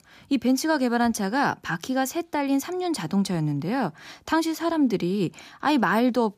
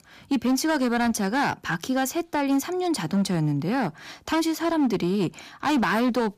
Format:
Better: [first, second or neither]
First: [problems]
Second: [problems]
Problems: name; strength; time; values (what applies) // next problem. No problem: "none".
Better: first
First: none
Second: distortion; slight; 11% of the sound clipped